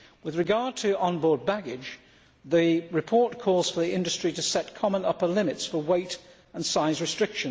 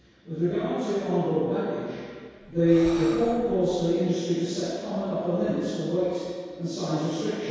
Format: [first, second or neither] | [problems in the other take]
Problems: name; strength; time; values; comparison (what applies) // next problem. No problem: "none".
first | background sound (Breathing); 14 dB below the speech // room echo; dies away in 2 s